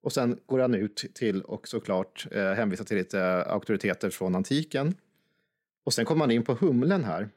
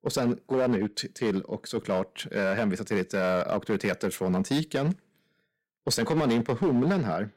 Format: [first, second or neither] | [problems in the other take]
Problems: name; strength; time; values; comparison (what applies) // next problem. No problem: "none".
first | distortion; slight; 8% of the sound clipped